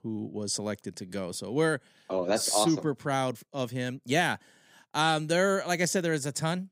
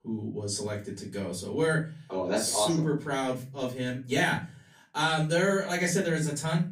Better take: first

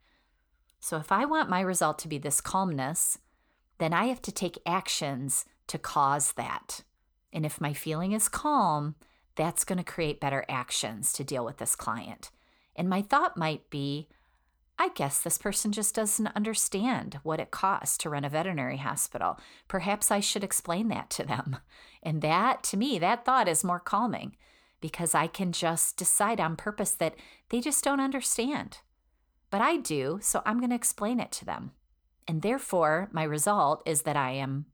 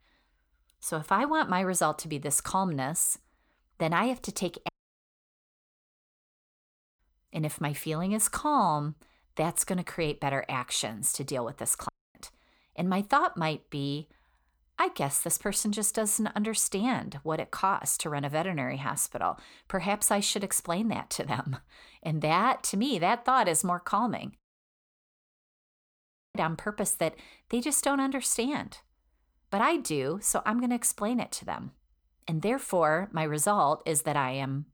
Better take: first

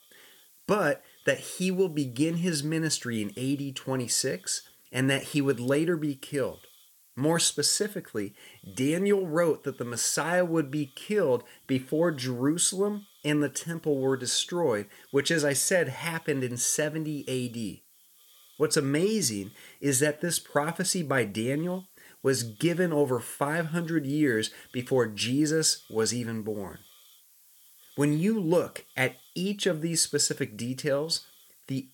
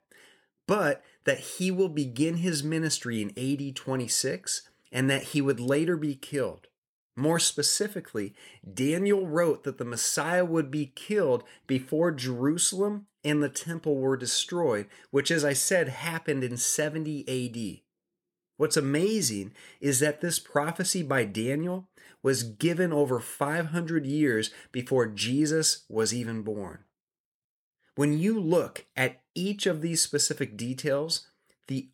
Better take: second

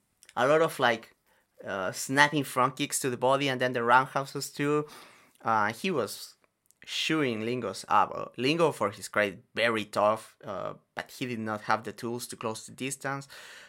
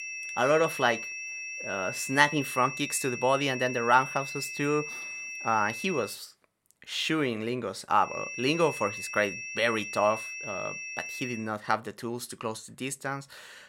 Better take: first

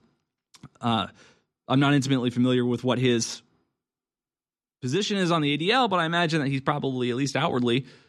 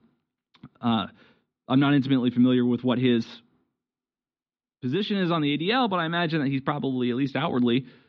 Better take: first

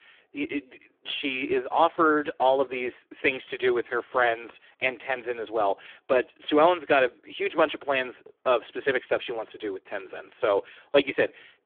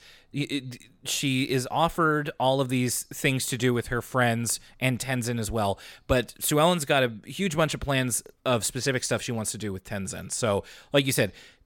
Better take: second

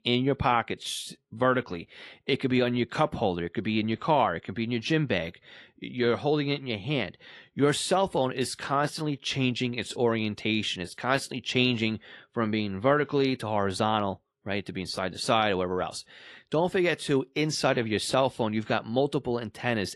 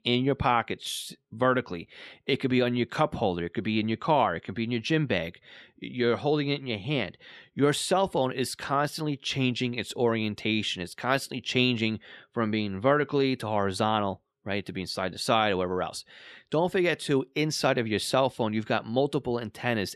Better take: second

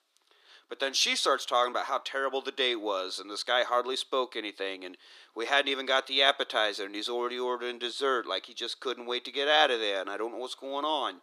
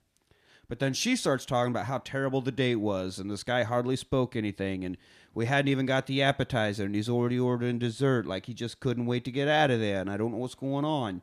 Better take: second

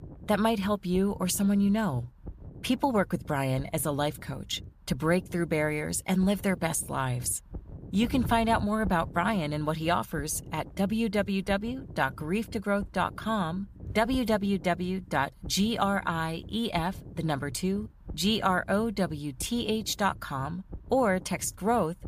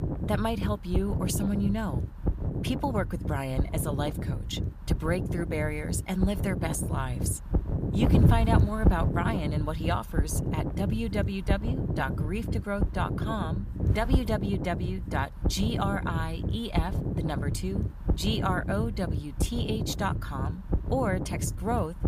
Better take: first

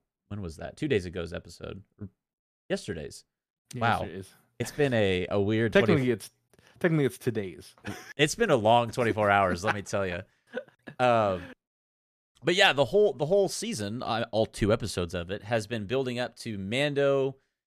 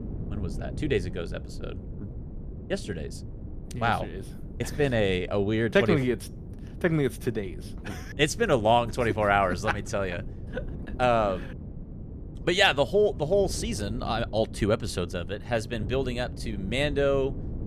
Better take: first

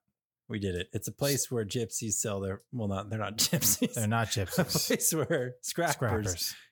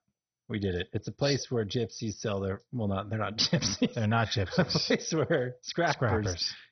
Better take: first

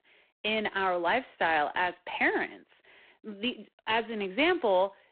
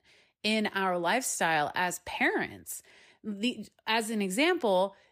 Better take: second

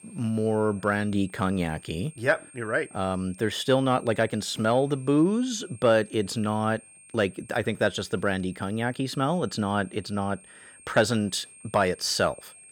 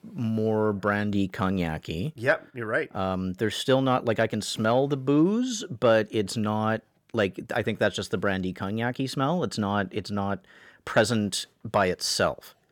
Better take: second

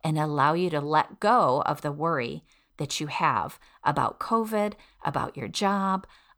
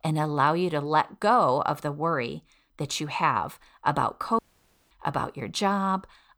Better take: first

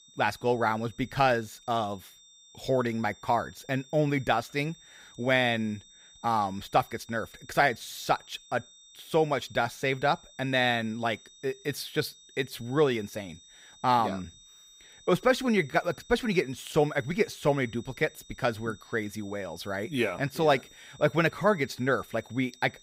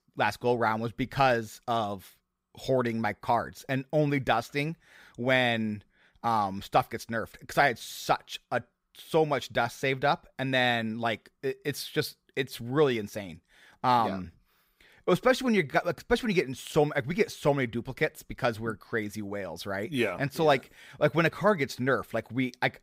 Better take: second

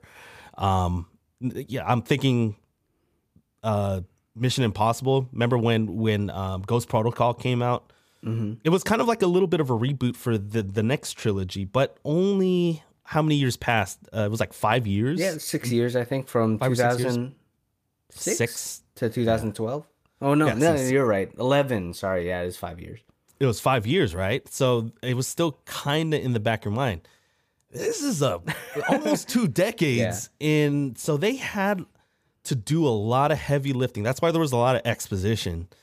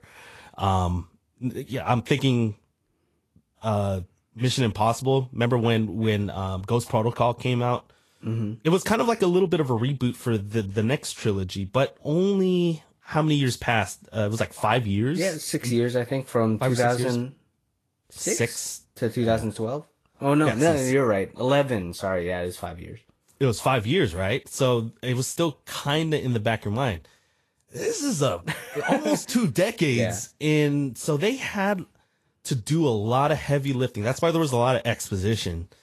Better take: first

